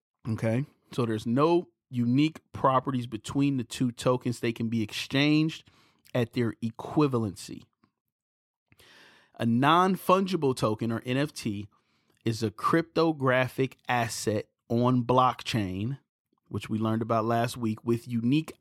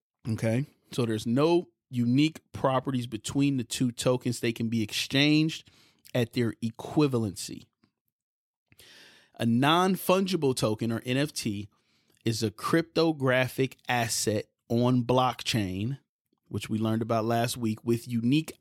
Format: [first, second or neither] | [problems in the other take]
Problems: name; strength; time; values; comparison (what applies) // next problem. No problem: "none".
second | muffled; very slightly; fading above 3 kHz